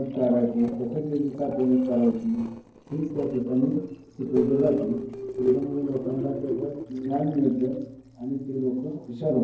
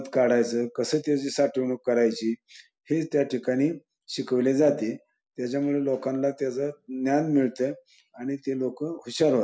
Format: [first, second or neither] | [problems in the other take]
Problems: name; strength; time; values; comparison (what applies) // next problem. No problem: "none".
second | noise reduction (neural separator model SepFormer DNS4)